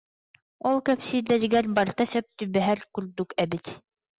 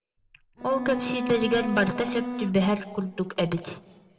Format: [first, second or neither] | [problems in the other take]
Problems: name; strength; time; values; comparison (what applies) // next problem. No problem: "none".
first | background sound (Bowed string instrument); 6 dB below the speech // room echo; dies away in 1.3 s